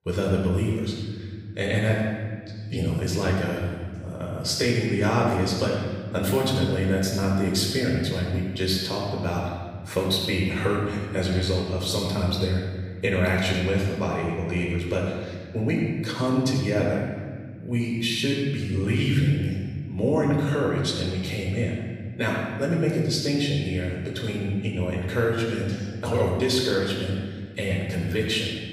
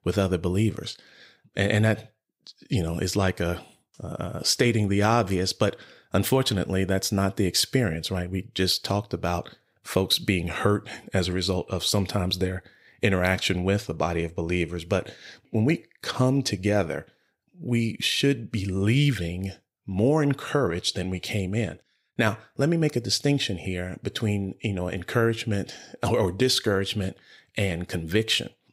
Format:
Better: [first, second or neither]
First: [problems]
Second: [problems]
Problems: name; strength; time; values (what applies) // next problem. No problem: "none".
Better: second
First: room echo; noticeable; dies away in 1.7 s // off-mic speech; far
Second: none